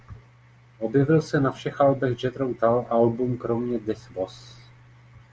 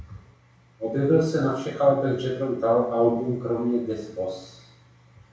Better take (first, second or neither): first